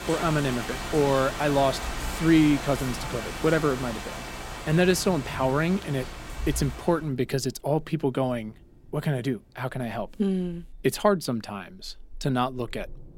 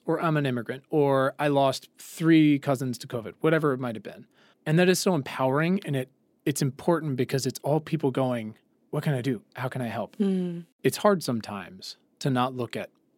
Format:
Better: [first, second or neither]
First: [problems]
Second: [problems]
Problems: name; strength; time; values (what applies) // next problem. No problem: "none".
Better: second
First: rain or running water; loud; throughout; 8 dB below the speech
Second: none